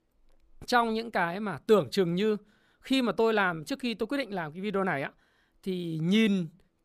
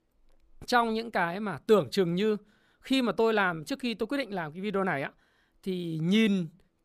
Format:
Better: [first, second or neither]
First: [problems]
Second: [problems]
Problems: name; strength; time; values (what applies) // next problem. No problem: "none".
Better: neither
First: none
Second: none